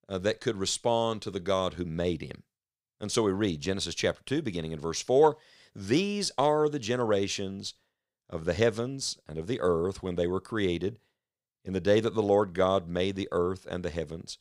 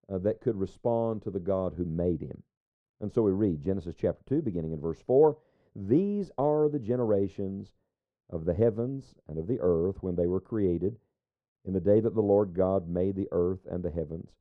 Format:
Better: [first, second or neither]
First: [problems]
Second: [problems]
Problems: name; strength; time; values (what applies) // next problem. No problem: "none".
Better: first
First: none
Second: muffled; very; fading above 1.5 kHz